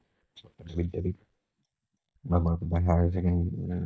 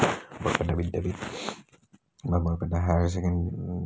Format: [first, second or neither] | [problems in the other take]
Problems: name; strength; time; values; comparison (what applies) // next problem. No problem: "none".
second | noise reduction (neural mask model DeepFilterNet 3)